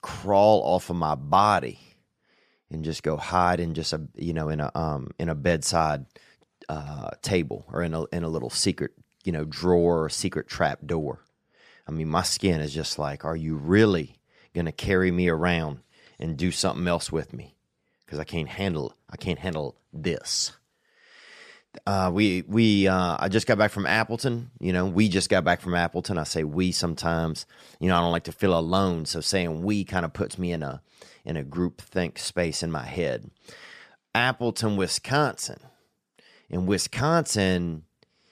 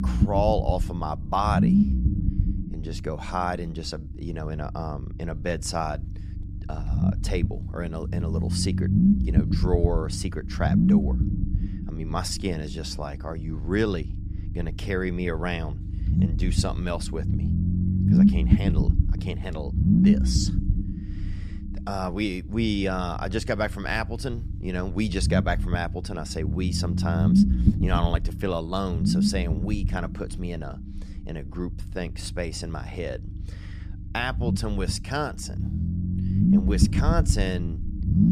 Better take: first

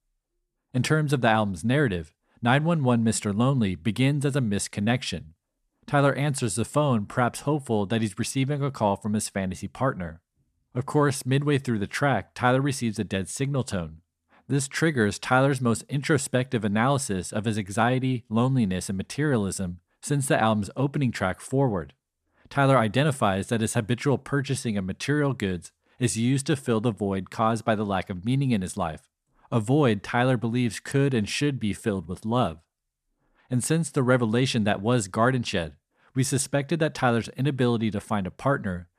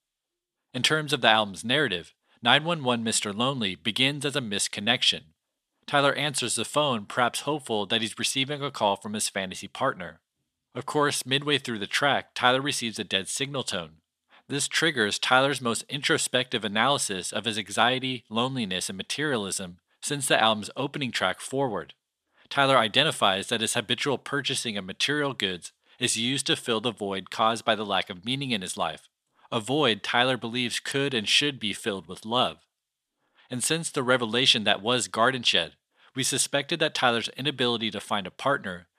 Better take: first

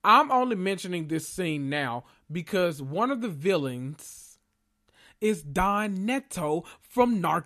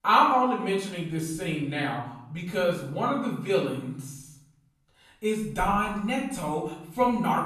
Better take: first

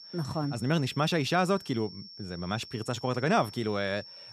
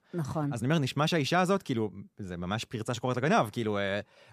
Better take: second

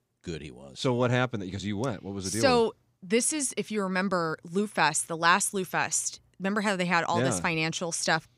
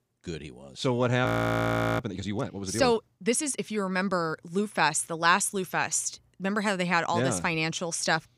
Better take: first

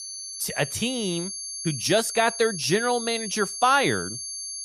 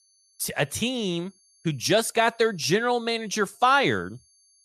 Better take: second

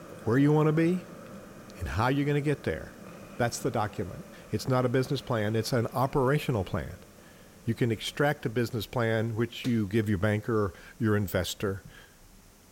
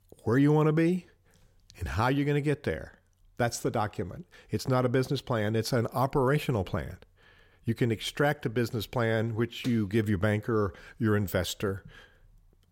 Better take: second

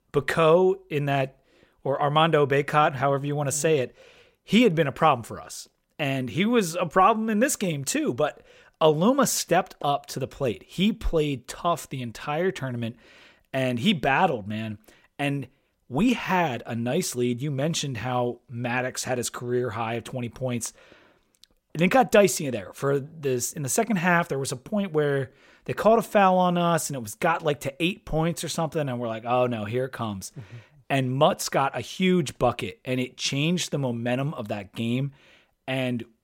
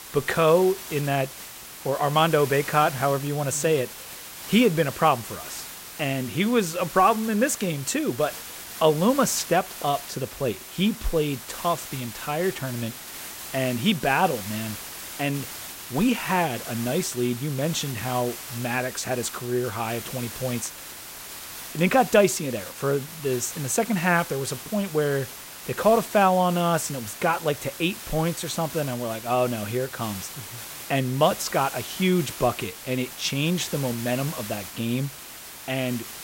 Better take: first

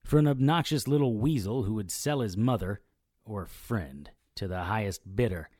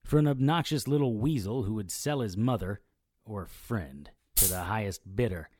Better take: first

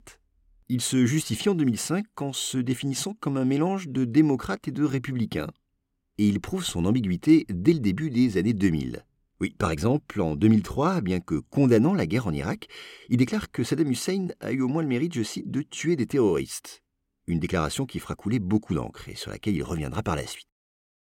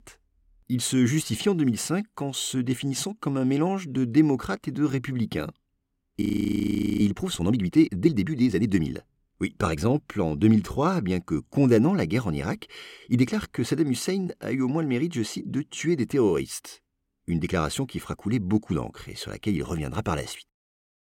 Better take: first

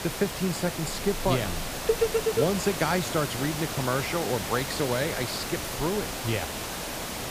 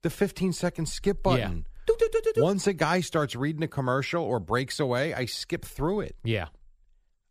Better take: second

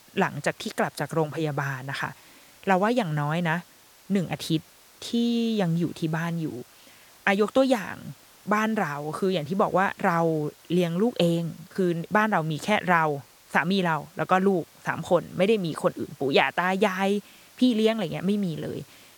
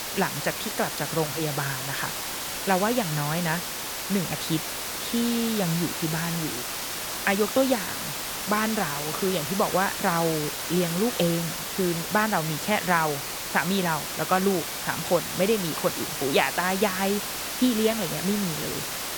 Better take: first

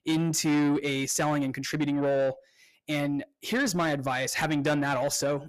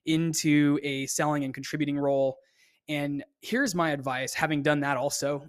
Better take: second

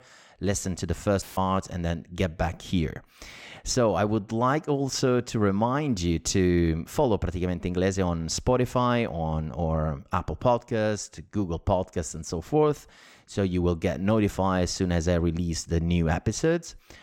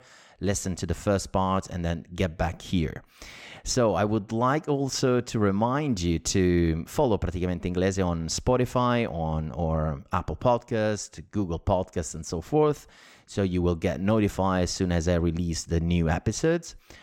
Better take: second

